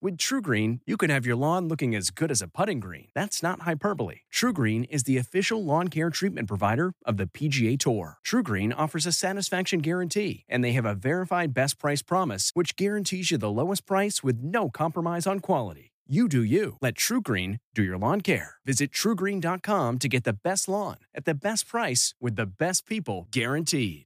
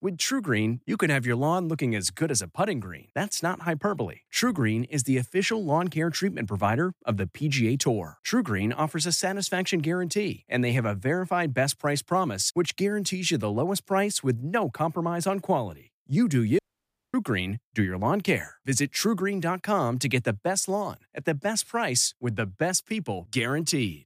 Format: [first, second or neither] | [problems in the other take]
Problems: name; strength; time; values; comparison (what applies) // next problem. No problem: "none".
first | audio cutting out; at 17 s for 0.5 s